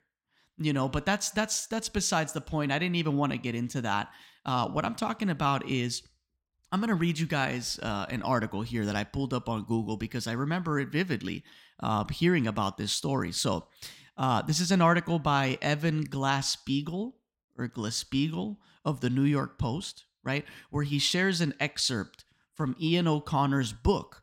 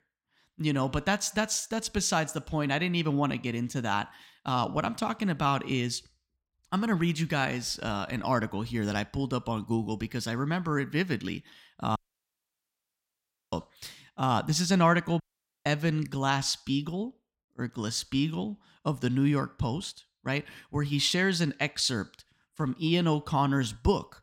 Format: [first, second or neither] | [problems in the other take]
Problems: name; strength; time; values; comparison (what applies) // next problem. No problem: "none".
first | audio cutting out; at 12 s for 1.5 s and at 15 s